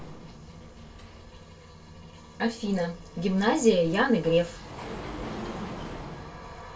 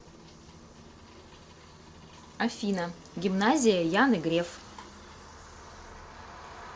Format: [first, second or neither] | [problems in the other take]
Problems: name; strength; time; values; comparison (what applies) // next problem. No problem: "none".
second | background sound (Sliding door); 13 dB below the speech // room echo; dies away in 0.2 s